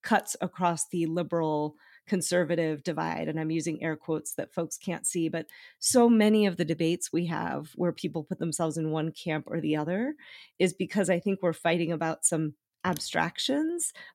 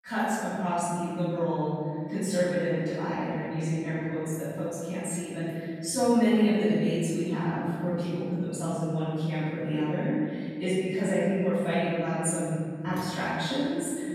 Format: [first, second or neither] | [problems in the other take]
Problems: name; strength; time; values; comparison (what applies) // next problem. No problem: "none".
first | room echo; strong; dies away in 2.6 s // off-mic speech; far